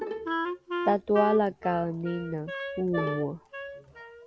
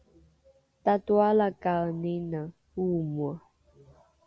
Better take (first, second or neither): second